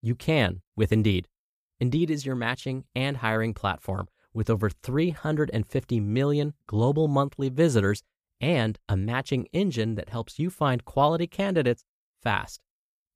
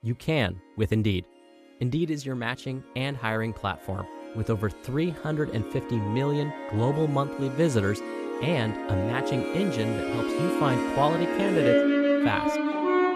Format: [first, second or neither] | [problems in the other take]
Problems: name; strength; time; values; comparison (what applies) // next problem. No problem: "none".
first | background music; very loud; throughout; as loud as the speech